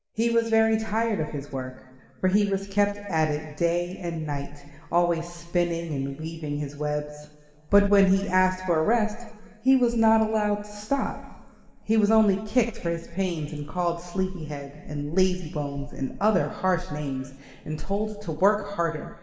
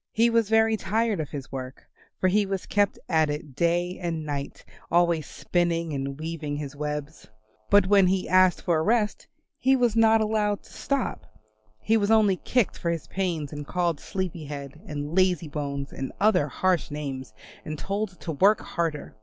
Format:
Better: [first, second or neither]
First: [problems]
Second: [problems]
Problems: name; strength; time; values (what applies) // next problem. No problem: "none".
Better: second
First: room echo; dies away in 2.1 s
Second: none